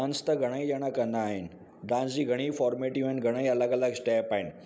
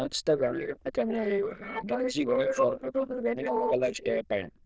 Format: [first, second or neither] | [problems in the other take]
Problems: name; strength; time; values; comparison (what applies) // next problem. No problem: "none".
first | noise reduction (neural diffusion model UNIVERSE++)